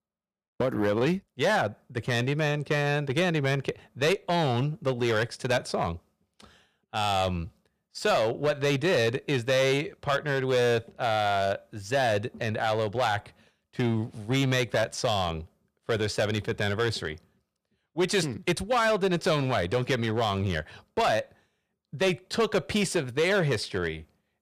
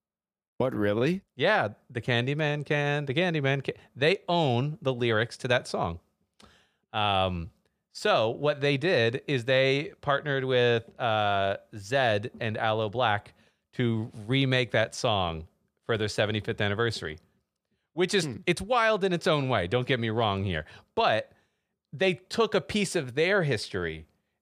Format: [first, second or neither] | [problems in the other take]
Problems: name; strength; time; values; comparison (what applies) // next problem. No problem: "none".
second | distortion; slight; 6% of the sound clipped